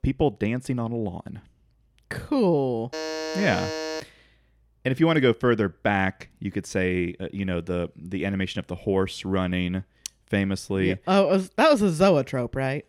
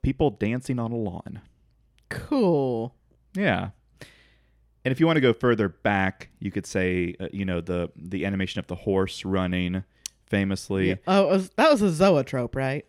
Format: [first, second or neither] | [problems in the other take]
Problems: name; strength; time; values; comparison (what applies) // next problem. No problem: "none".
second | alarm; noticeable; from 3 to 4 s; peak 6 dB below the speech